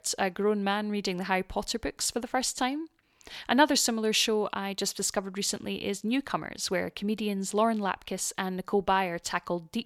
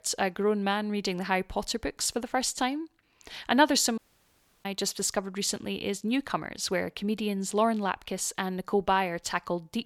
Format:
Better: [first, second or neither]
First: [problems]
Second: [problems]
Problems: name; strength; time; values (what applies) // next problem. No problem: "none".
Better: first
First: none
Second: audio cutting out; at 4 s for 0.5 s